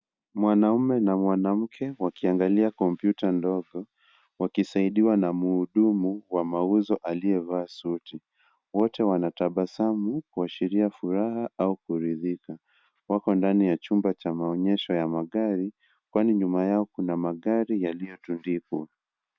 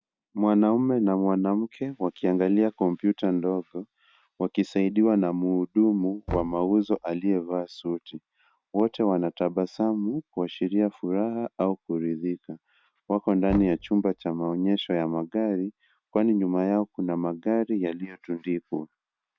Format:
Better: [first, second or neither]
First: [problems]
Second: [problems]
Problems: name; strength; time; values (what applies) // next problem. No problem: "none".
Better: first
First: none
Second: background sound (Knock); 18 dB below the speech